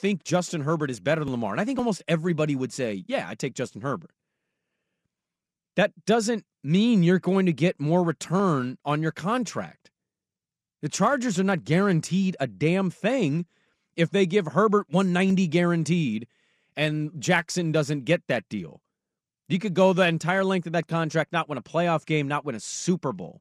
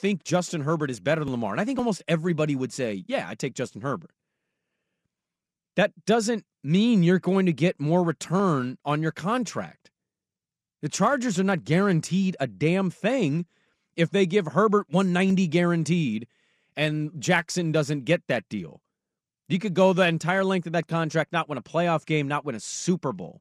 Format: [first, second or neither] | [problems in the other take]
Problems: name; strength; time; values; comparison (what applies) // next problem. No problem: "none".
neither | none